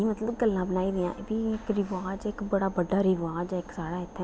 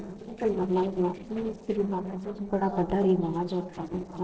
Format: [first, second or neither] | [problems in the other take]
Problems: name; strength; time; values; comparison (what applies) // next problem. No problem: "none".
first | noise reduction (neural separator model SepFormer DNS4)